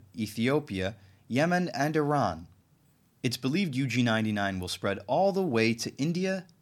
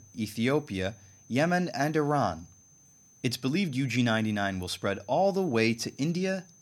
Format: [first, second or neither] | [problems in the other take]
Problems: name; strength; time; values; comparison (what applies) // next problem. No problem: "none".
first | high-pitched whine; faint; throughout; 6 kHz, 25 dB below the speech